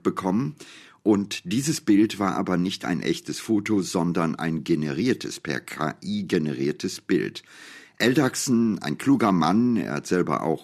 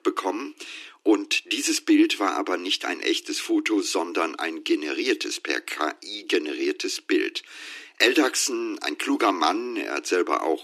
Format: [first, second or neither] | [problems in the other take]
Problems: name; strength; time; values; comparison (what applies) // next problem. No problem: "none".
first | thin; somewhat; fading below 300 Hz